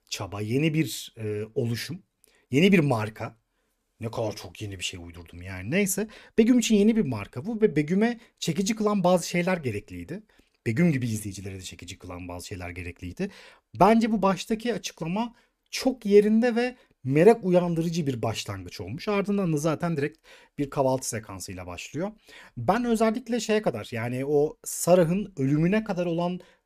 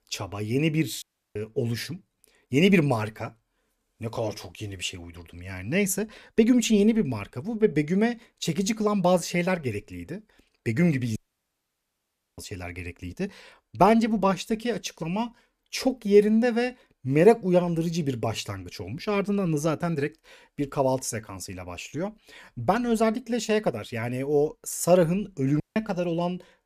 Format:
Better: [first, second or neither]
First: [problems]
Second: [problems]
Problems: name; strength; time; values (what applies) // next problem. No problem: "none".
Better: first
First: none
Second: audio cutting out; at 1 s, at 11 s for 1 s and at 26 s